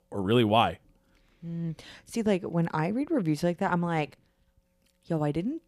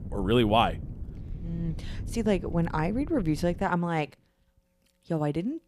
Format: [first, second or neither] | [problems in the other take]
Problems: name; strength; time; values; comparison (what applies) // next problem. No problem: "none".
first | wind noise on the microphone; occasional gusts; until 3.5 s; 20 dB below the speech